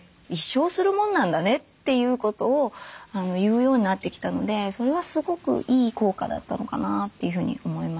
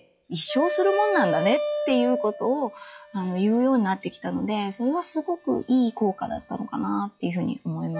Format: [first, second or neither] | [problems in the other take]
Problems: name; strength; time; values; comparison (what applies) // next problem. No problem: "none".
first | noise reduction (classical method log-MMSE)